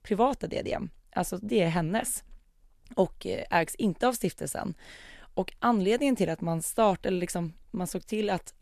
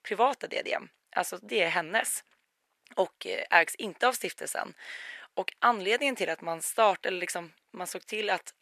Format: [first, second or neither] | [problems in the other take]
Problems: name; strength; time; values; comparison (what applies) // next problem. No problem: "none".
first | thin; very; fading below 450 Hz